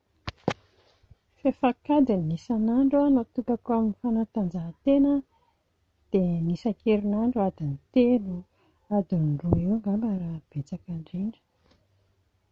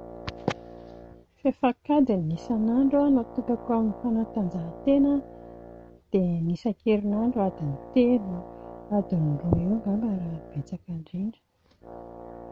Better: first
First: none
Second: background sound (Brass instrument); 17 dB below the speech

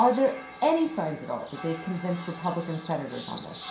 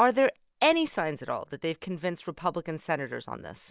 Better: second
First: background sound (Bird); 15 dB below the speech // room echo; dies away in 0.5 s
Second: none

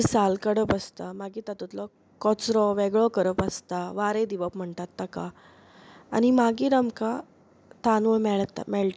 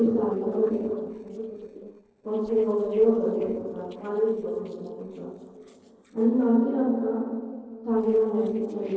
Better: first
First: none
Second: noise reduction (neural separator model SepFormer DNS4)

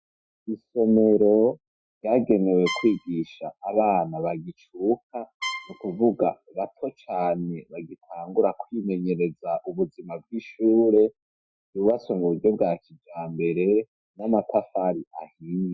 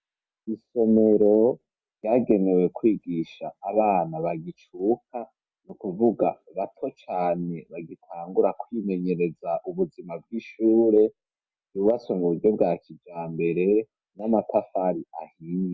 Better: second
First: noise reduction (classical method Wiener filter)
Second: none

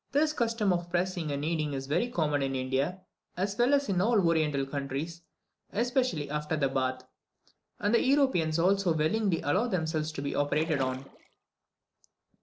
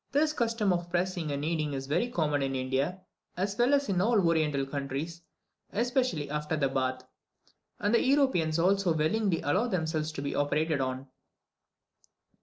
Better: second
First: background sound (Splash, splatter); 14 dB below the speech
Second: none

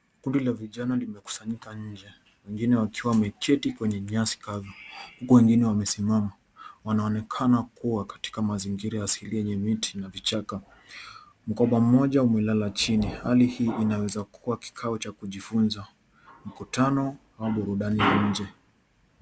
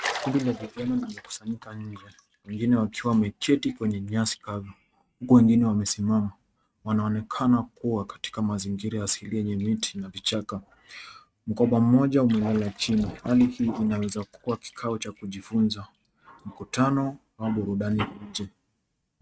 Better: first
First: none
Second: noise reduction (neural mask model RNNoise)

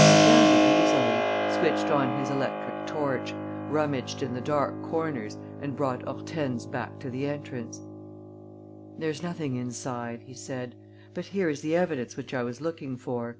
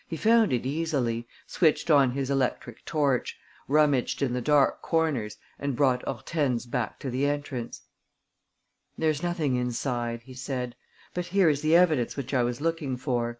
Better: second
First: background sound (Keyboard (musical)); 3 dB above the speech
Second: none

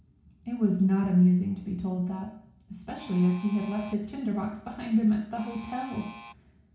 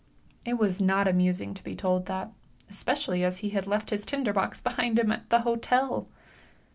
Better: second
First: background sound (Alarm); 19 dB below the speech // room echo; dies away in 0.6 s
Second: none

